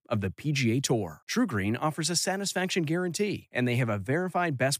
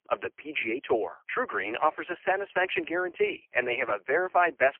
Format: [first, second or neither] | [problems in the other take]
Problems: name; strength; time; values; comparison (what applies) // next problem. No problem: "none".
first | phone-call audio; poor line; nothing above 3 kHz